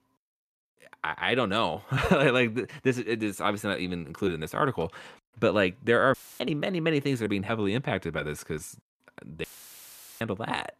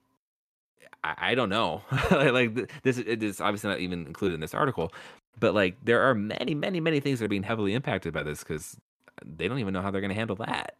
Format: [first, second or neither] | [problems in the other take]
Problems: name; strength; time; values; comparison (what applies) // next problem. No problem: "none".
second | audio cutting out; filled with static; at 6 s and at 9.5 s for 1 s